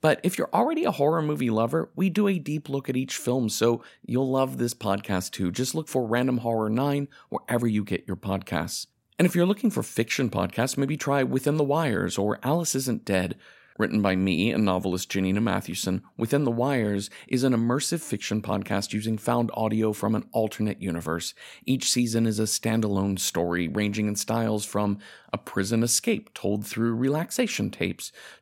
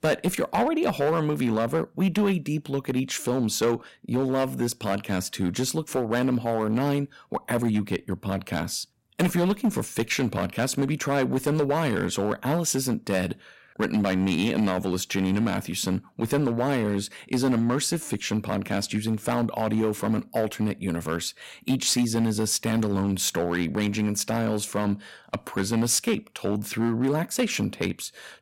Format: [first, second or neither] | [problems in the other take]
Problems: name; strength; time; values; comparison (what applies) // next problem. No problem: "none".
first | distortion; slight; 6% of the sound clipped